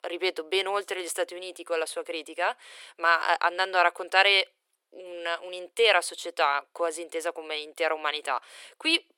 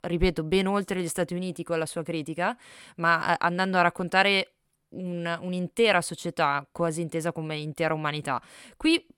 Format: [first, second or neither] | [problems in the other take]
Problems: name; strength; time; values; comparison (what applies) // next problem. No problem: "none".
second | thin; very; fading below 400 Hz